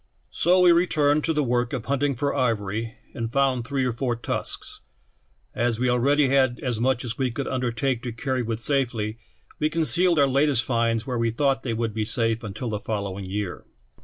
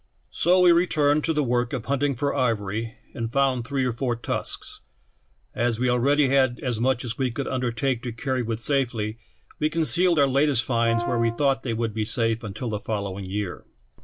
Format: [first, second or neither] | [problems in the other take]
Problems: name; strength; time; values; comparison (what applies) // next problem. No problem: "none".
first | background sound (Brass instrument); 7 dB below the speech